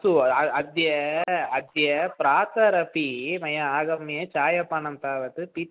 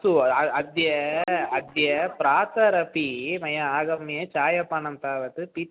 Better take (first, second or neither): second